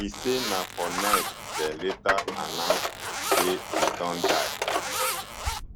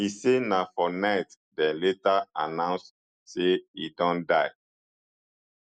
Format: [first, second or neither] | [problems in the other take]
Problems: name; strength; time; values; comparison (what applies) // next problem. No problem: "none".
second | background sound (Coin (dropping) + Zipper (clothing)); 3 dB above the speech